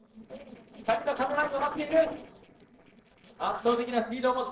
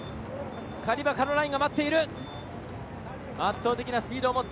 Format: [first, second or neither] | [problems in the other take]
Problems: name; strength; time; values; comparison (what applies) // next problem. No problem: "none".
second | noise reduction (neural separator model SepFormer DNS4)